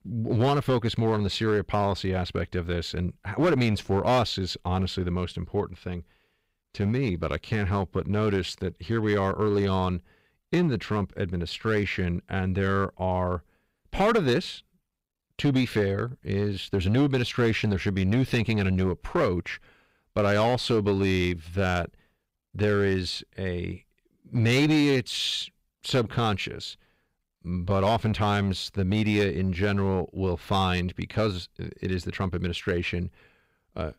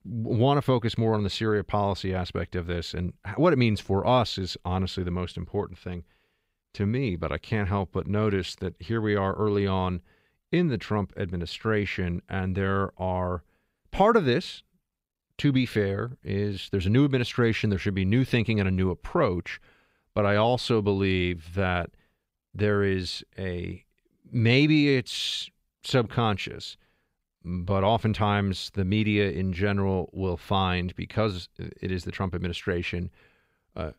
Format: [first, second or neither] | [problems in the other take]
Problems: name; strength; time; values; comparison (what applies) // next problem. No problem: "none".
second | distortion; slight; 5% of the sound clipped